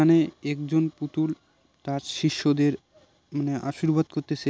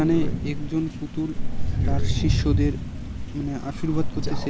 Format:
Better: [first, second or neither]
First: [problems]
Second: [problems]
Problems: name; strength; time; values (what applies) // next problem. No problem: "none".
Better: first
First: none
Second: background sound (Crow); 4 dB above the speech